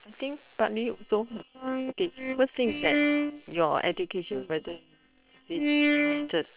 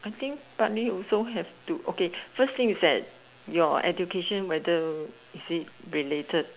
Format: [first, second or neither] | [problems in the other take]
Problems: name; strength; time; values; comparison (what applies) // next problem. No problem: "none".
second | noise reduction (neural separator model SepFormer WHAM!)